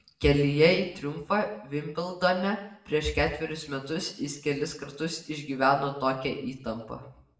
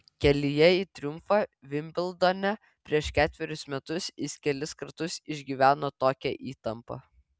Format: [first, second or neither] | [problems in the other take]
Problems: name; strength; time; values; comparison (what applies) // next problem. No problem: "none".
second | room echo; dies away in 0.6 s